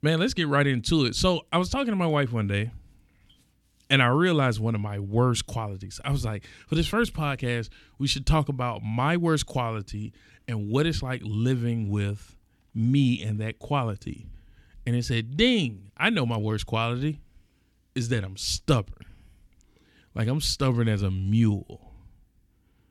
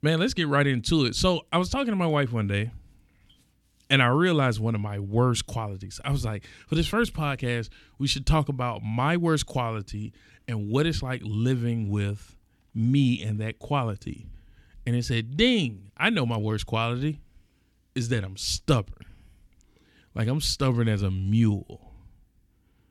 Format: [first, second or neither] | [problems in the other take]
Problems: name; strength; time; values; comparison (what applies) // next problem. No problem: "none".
neither | none